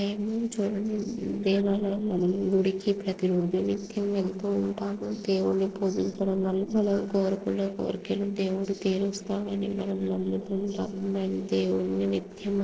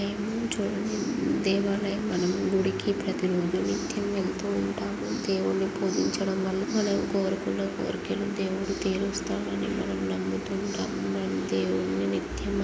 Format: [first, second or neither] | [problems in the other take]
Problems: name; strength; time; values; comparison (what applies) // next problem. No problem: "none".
second | noise reduction (neural separator model SepFormer DNS4)